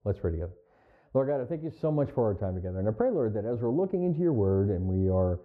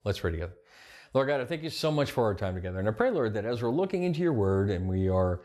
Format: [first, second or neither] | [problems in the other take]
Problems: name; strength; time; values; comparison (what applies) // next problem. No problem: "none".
second | muffled; very; fading above 1.5 kHz